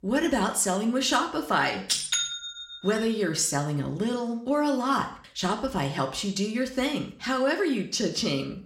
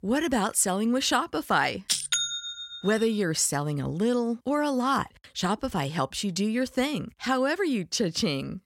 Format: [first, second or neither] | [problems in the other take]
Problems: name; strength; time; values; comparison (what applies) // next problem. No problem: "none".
second | room echo; slight; dies away in 0.5 s